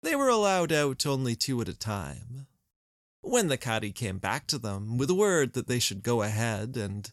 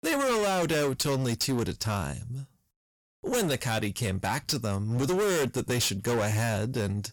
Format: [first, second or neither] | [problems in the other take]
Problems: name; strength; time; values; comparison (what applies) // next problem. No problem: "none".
first | distortion; heavy; 23% of the sound clipped